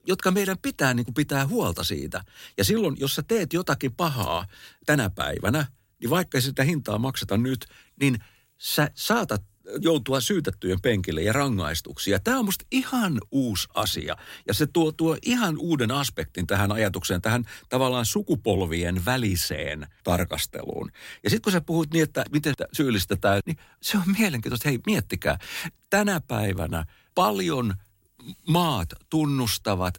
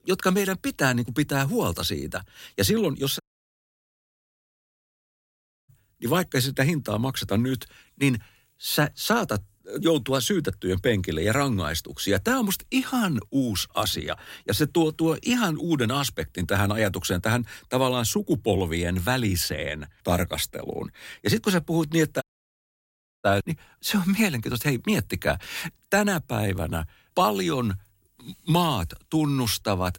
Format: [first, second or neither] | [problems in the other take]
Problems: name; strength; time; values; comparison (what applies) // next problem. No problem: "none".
first | audio cutting out; at 3 s for 2.5 s and at 22 s for 1 s